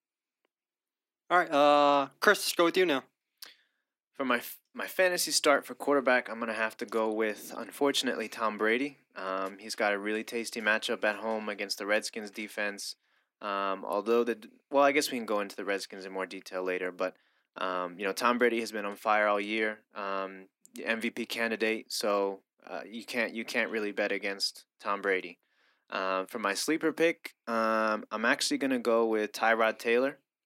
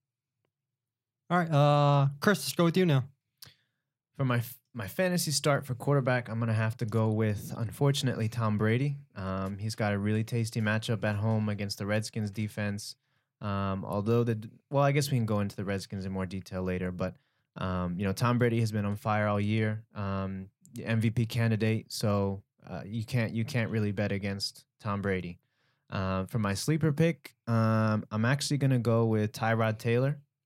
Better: second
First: thin; somewhat; fading below 250 Hz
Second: none

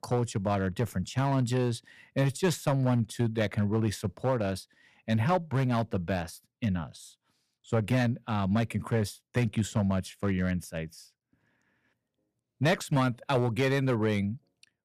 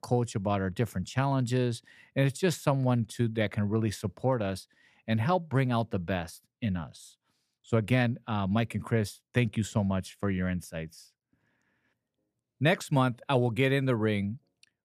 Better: second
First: distortion; slight; 3% of the sound clipped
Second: none

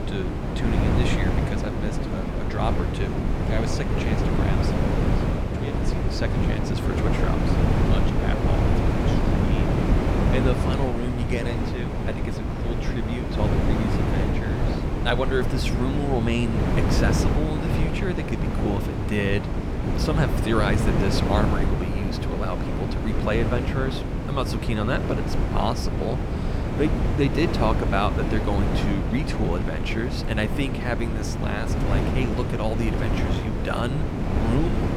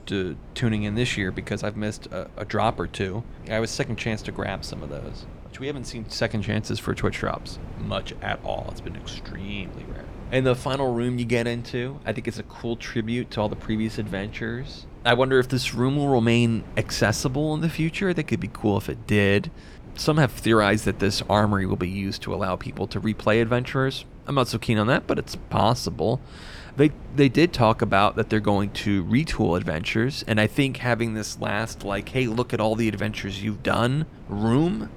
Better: second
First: wind noise on the microphone; heavy; as loud as the speech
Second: wind noise on the microphone; occasional gusts; 20 dB below the speech

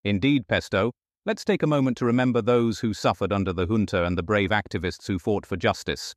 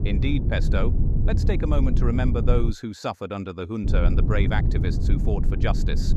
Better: first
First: none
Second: low rumble; loud; until 2.5 s and from 4 s on; 6 dB below the speech

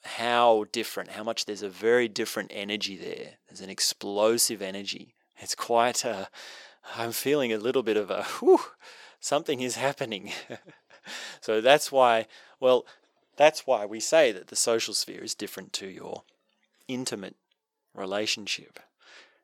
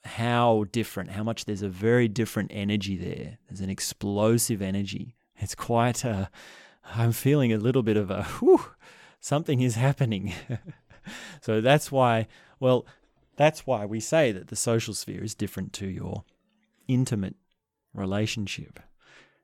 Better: second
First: thin; somewhat; fading below 450 Hz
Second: none

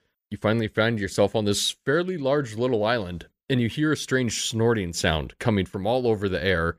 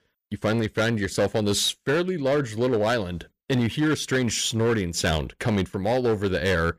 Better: first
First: none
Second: distortion; slight; 9% of the sound clipped

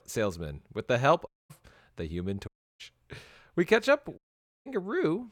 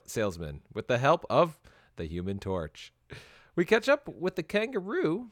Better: second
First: audio cutting out; at 1.5 s, at 2.5 s and at 4 s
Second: none

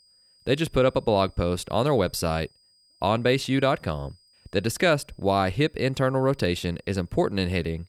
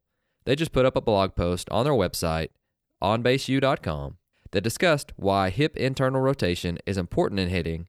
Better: second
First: high-pitched whine; faint; throughout; 5 kHz, 35 dB below the speech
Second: none

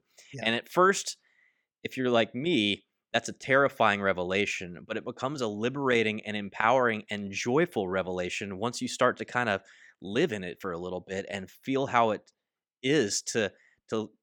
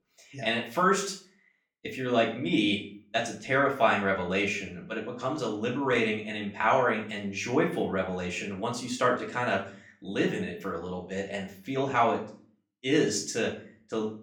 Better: first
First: none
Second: room echo; slight; dies away in 0.4 s // off-mic speech; far

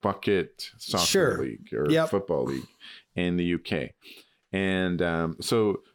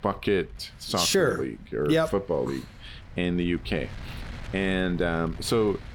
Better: first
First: none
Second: wind noise on the microphone; occasional gusts; 20 dB below the speech

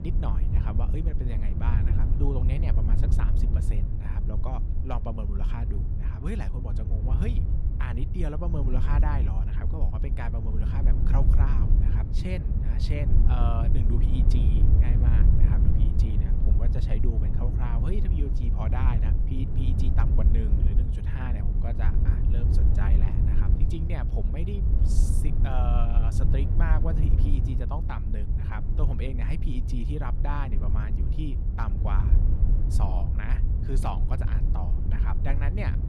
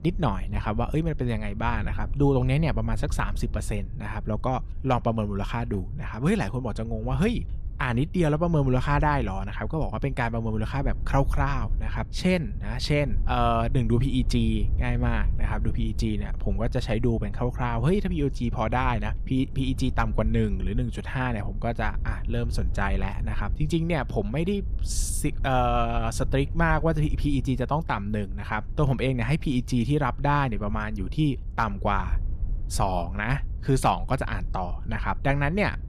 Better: second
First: wind noise on the microphone; heavy; 2 dB below the speech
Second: wind noise on the microphone; occasional gusts; 20 dB below the speech

